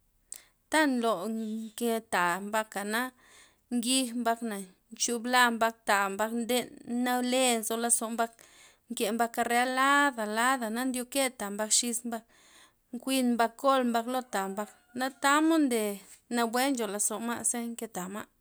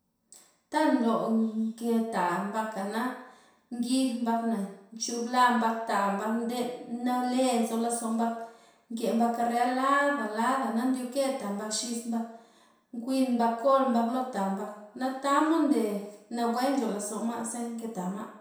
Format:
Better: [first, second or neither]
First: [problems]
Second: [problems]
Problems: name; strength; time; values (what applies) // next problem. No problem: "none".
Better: first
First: none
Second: room echo; dies away in 0.7 s